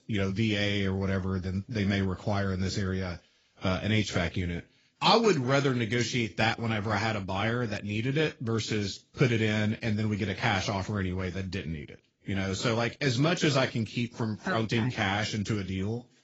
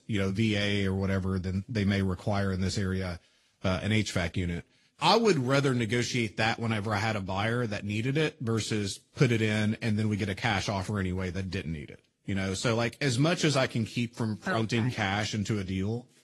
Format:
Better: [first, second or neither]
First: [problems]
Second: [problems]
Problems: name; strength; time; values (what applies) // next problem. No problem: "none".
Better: second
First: garbled, watery; badly; nothing above 7.5 kHz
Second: garbled, watery; slightly; nothing above 11.5 kHz